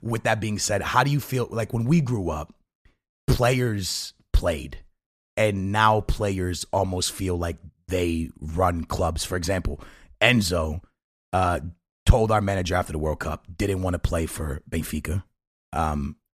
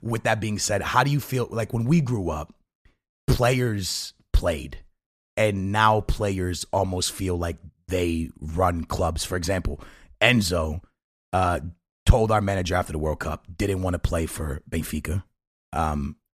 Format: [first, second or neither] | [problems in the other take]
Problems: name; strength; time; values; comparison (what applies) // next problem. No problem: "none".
neither | none